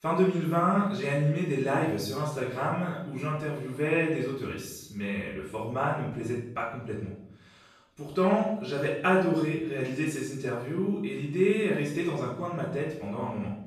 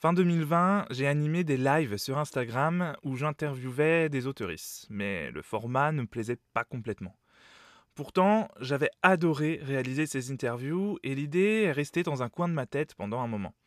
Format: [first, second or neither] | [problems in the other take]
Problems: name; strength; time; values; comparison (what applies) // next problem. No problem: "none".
second | room echo; noticeable; dies away in 0.6 s // off-mic speech; far